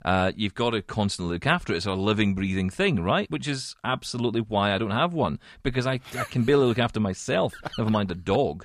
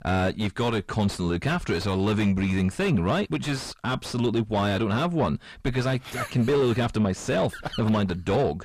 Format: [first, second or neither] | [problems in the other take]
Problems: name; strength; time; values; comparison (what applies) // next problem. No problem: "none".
first | distortion; heavy; 7 dB below the speech